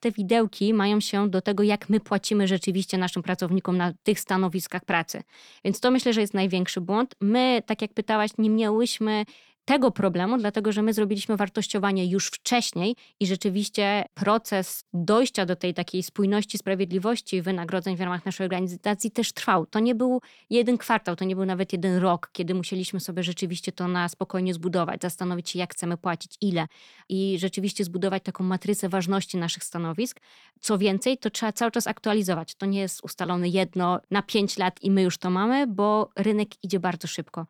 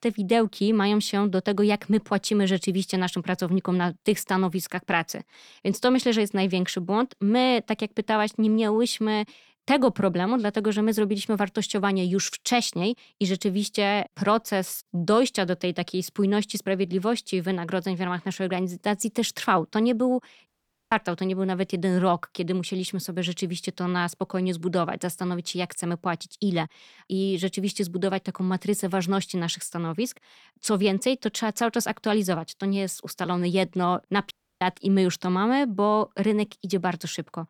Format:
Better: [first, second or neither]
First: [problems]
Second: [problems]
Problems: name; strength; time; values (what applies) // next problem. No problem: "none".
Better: first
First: none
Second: audio cutting out; at 20 s and at 34 s